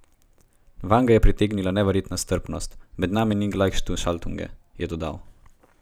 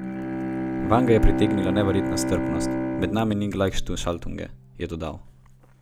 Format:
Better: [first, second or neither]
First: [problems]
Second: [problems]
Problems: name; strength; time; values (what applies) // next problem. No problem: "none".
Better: first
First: none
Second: background sound (Bowed string instrument); 3 dB below the speech